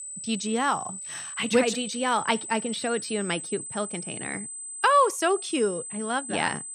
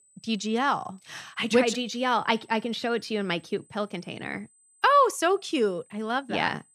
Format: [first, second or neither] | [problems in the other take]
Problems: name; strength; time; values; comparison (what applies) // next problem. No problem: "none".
second | high-pitched whine; loud; throughout; 8 kHz, 8 dB below the speech; faint in the second